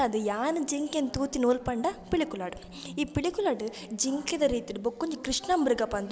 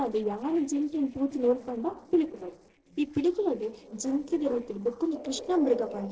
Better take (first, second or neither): first